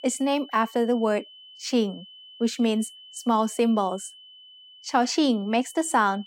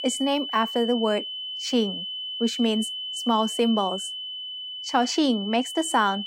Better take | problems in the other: first | high-pitched whine; loud; throughout; 3 kHz, 6 dB below the speech; faint in the first

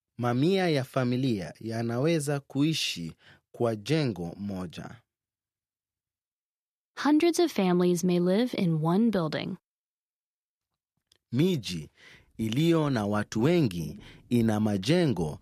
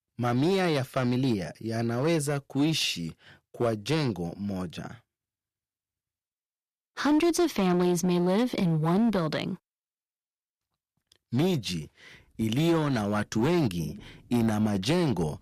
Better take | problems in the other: first | distortion; slight; 7% of the sound clipped

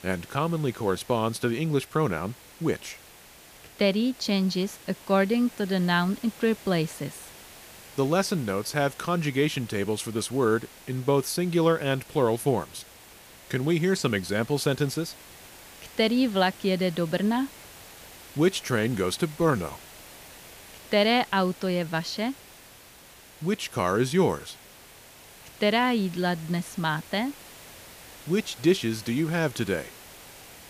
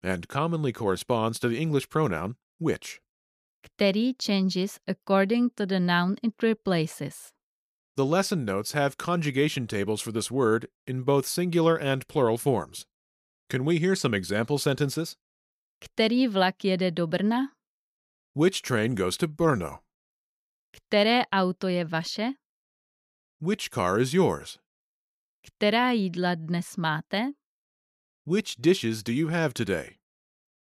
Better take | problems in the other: second | hiss; noticeable; throughout; 20 dB below the speech

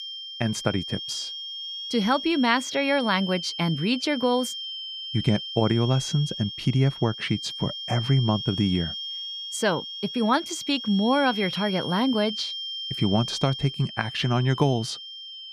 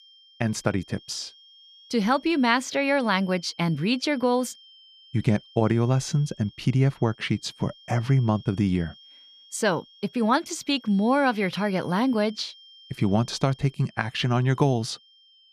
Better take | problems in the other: second | high-pitched whine; loud; throughout; 3 kHz, 7 dB below the speech; faint in the second

